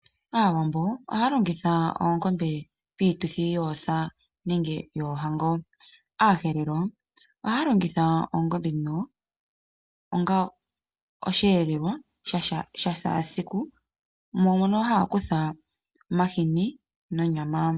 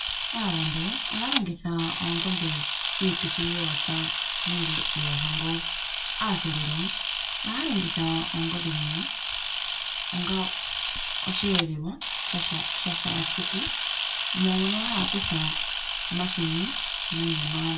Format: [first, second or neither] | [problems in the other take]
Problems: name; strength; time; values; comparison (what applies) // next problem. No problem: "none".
first | background sound (Camera); 2 dB above the speech // room echo; dies away in 0.1 s